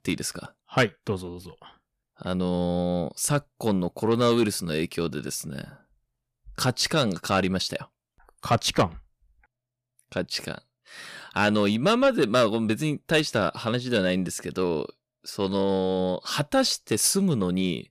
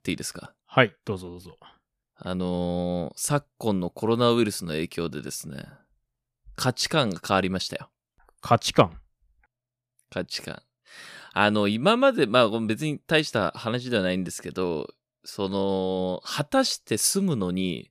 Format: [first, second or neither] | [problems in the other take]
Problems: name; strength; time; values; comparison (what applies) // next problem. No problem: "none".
second | distortion; slight; 10 dB below the speech